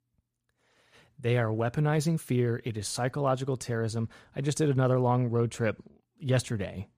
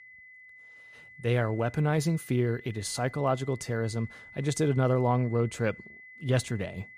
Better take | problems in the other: first | high-pitched whine; noticeable; throughout; 2 kHz, 20 dB below the speech

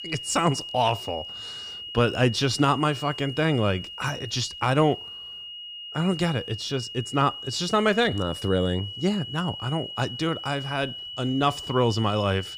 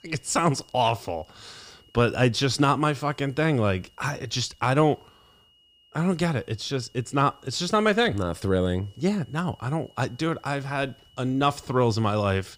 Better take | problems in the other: second | high-pitched whine; loud; throughout; 3 kHz, 10 dB below the speech; faint in the second

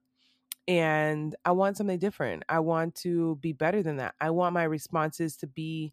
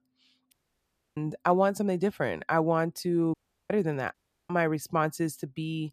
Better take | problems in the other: first | audio cutting out; at 0.5 s for 0.5 s, at 3.5 s and at 4 s

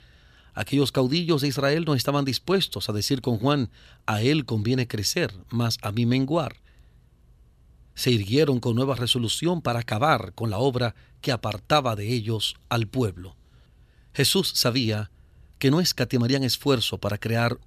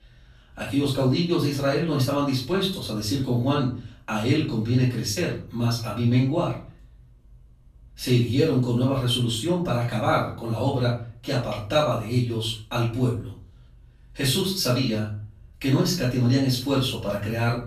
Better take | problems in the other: first | off-mic speech; far // room echo; noticeable; dies away in 0.4 s

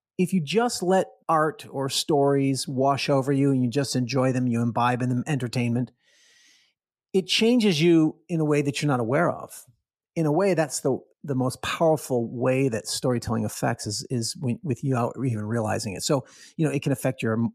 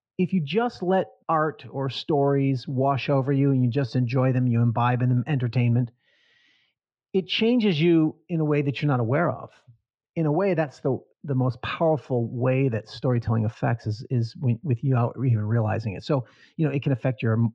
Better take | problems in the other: first | muffled; slightly; fading above 3.5 kHz

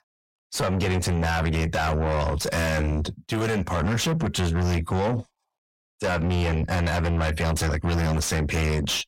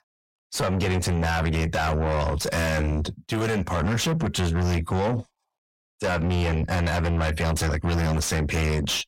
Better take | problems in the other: neither | distortion; heavy; 6 dB below the speech; the same in both

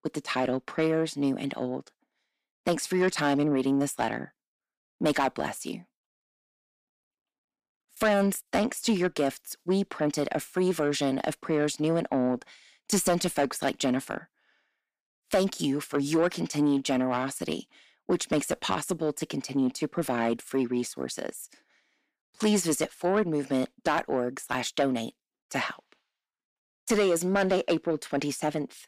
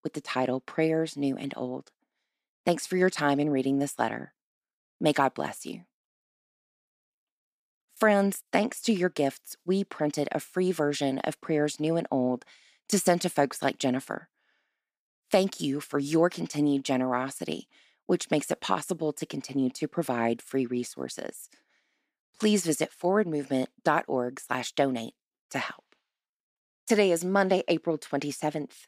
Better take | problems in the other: second | distortion; slight; 10 dB below the speech

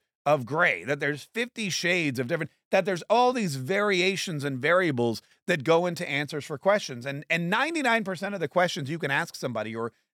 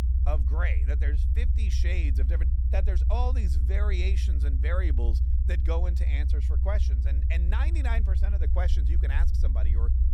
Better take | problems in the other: first | low rumble; loud; throughout; 6 dB below the speech

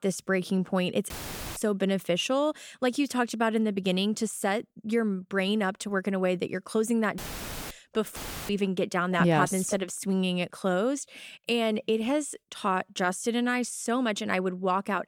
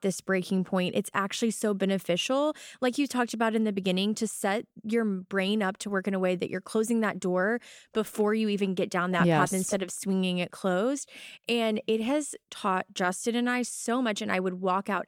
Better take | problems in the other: second | audio cutting out; filled with static; at 1 s, at 7 s for 0.5 s and at 8 s

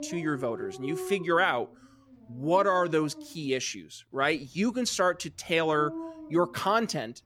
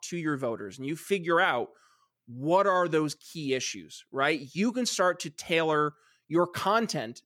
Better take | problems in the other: second | animal sounds; noticeable; throughout; 15 dB below the speech

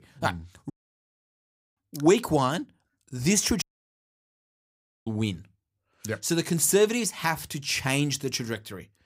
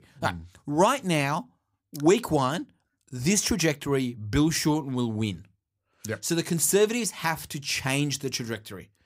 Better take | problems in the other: second | audio cutting out; at 0.5 s for 1 s and at 3.5 s for 1.5 s

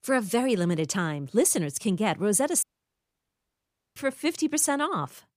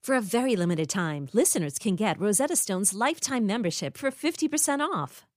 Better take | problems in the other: second | audio cutting out; at 2.5 s for 1.5 s

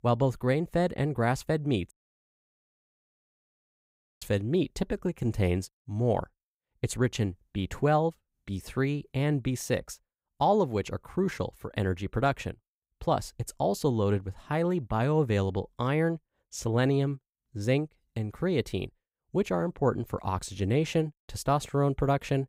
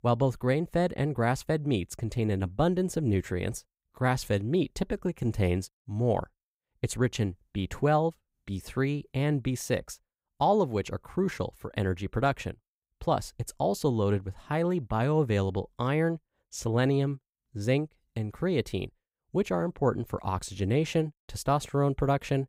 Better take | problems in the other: second | audio cutting out; at 2 s for 2.5 s

